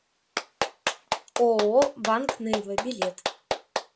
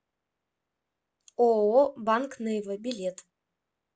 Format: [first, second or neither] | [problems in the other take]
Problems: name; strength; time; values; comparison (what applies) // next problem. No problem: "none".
second | background sound (Clapping); 4 dB below the speech